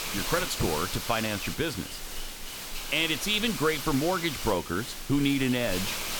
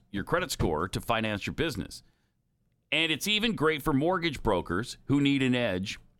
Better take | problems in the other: second | hiss; loud; throughout; 6 dB below the speech

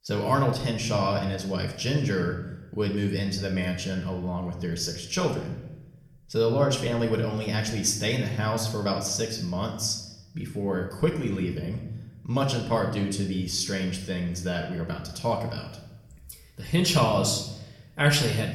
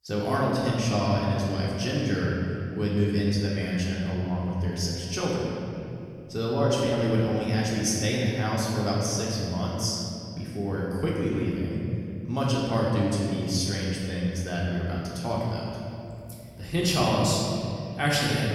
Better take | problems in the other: first | room echo; strong; dies away in 2.6 s; slight in the first // off-mic speech; far; somewhat distant in the first

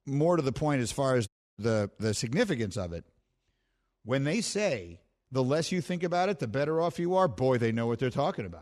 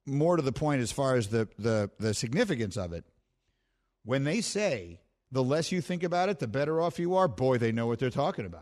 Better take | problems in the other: second | audio cutting out; at 1.5 s

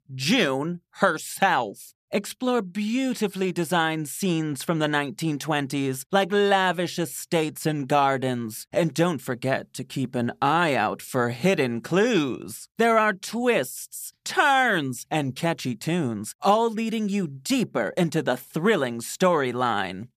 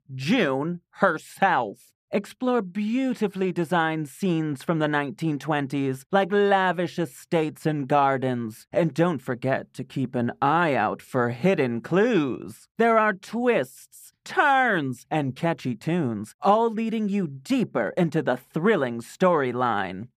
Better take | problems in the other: first | muffled; slightly; fading above 3 kHz

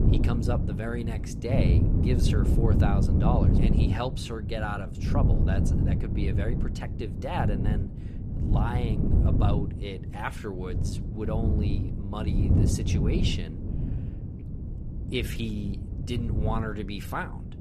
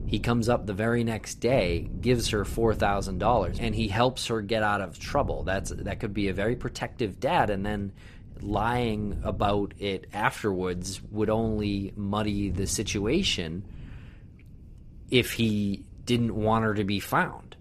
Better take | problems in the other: second | wind noise on the microphone; heavy; 3 dB below the speech; occasional gusts in the second

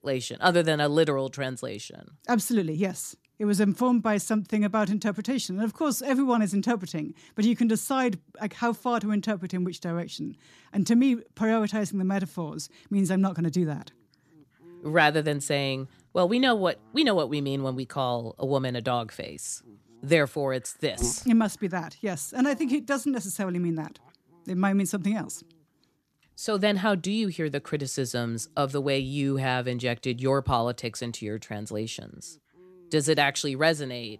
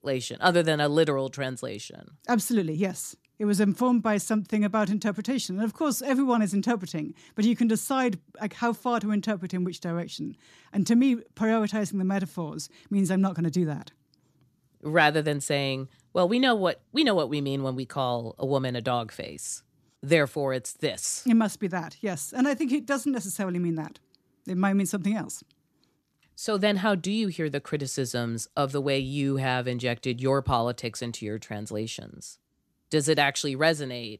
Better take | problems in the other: second | animal sounds; faint; throughout; 20 dB below the speech

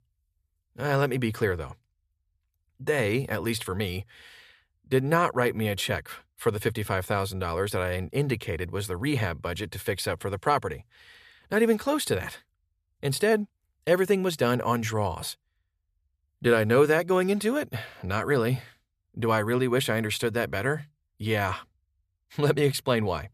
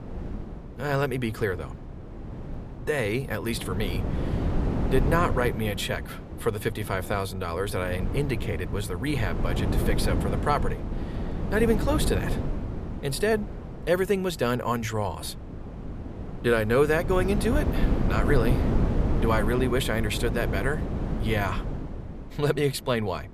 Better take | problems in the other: first | wind noise on the microphone; heavy; 9 dB below the speech

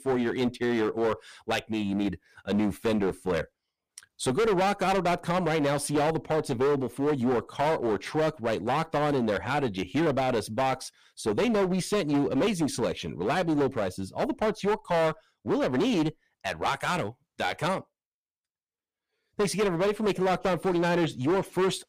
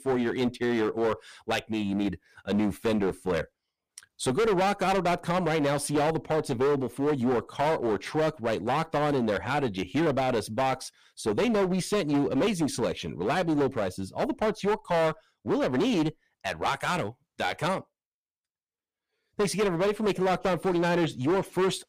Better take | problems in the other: neither | distortion; heavy; 15% of the sound clipped; the same in both

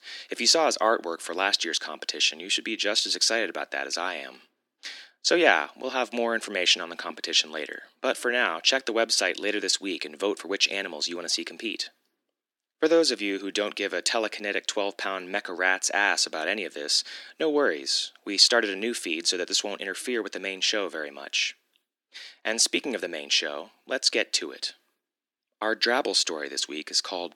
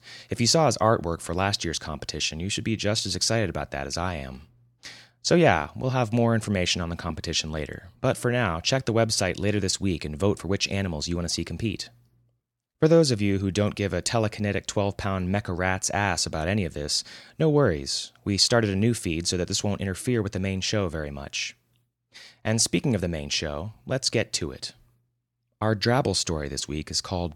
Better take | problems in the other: second | thin; somewhat; fading below 250 Hz

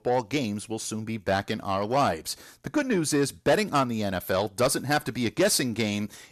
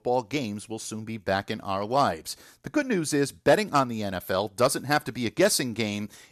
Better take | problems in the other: second | distortion; slight; 10 dB below the speech

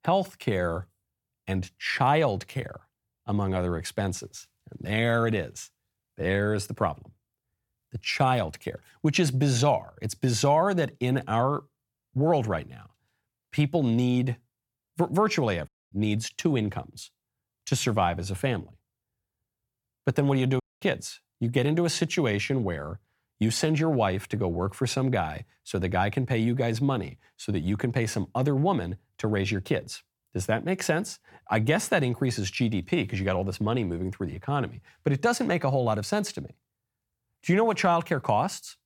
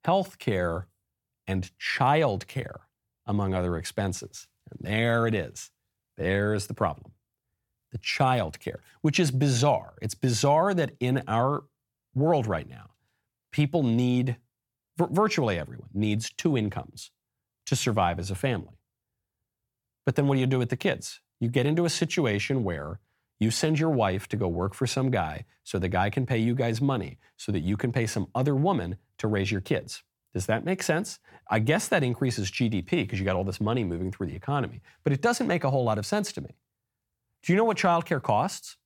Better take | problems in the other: second | audio cutting out; at 16 s and at 21 s

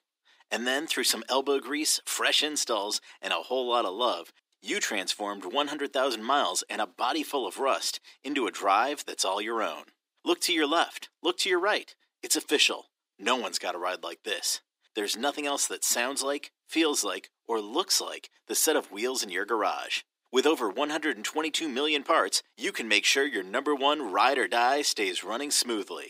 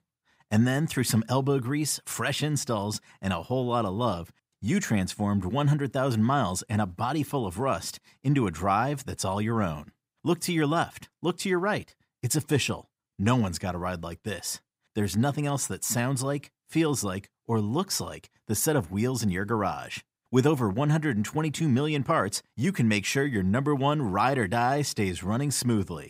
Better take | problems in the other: second | thin; somewhat; fading below 300 Hz

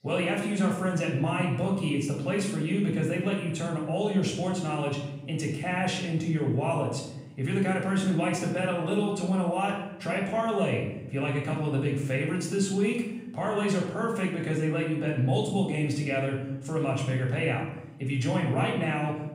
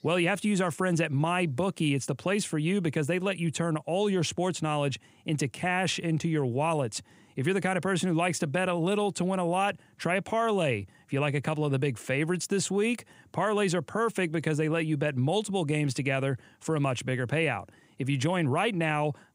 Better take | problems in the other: second | off-mic speech; far // room echo; noticeable; dies away in 0.9 s

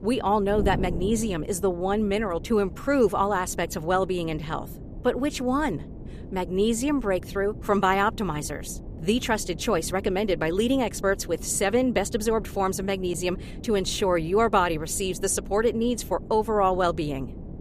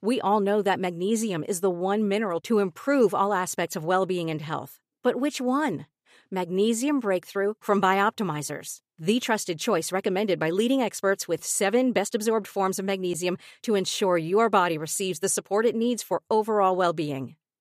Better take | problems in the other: second | wind noise on the microphone; occasional gusts; 20 dB below the speech

